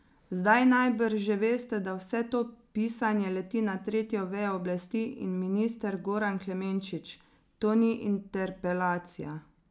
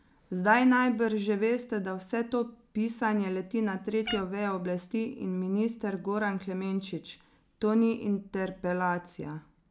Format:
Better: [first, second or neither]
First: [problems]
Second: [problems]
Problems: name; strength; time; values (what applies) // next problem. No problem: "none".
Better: first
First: none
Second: background sound (Meow); 11 dB below the speech